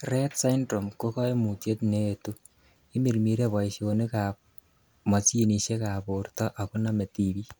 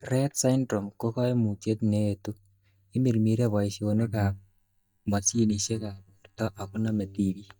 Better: first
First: none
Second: noise reduction (neural mask model DeepFilterNet 3)

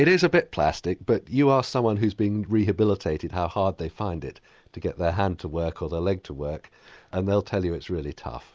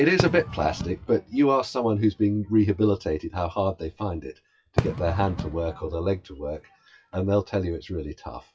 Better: first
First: none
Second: noise reduction (classical method WPE with log-MMSE)

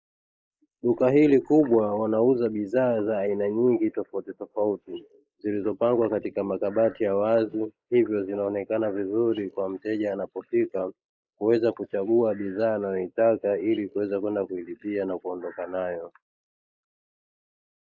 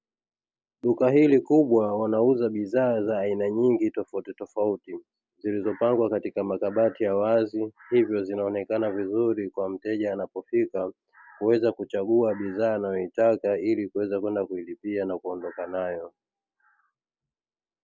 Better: second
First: noise reduction (neural mask model Resemble Enhance denoiser)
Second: none

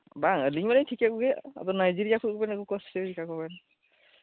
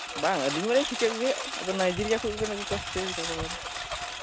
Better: first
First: none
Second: background sound (Engine); 4 dB below the speech

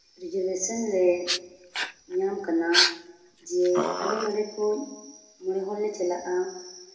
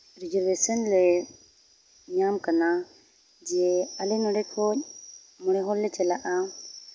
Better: second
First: background sound (Dog); 2 dB below the speech // room echo; dies away in 0.9 s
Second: none

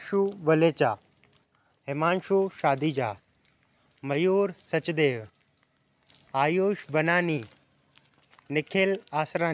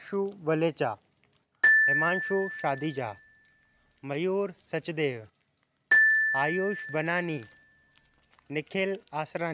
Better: first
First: none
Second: background sound (Glockenspiel); 3 dB above the speech

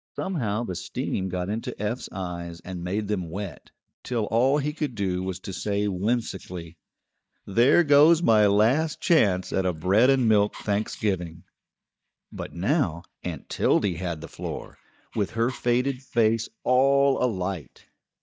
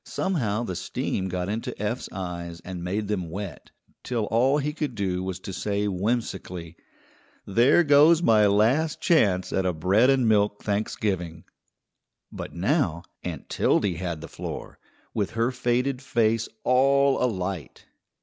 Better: second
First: noise reduction (neural mask model DeepFilterNet 3)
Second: none

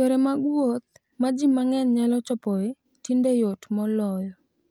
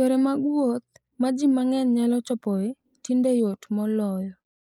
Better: first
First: none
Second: noise reduction (neural mask model Resemble Enhance denoiser)

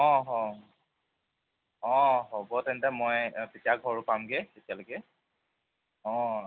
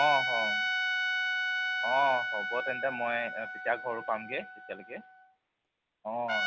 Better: first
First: none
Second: background sound (Trumpet); as loud as the speech

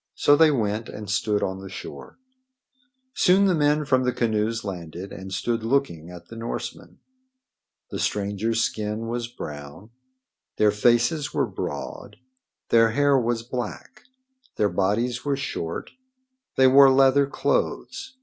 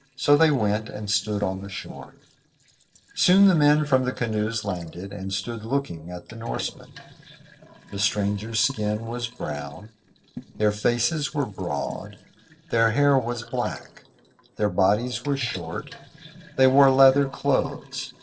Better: first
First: none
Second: noise reduction (neural separator model SepFormer DNS4)

